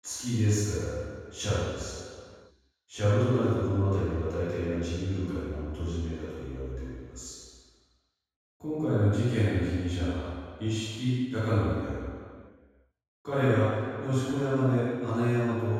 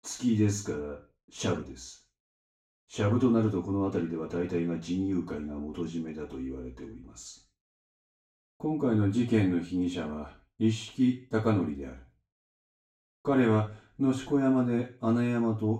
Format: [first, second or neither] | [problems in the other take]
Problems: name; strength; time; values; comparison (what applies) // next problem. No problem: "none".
second | room echo; strong; dies away in 1.7 s; slight in the second // off-mic speech; far; far in the second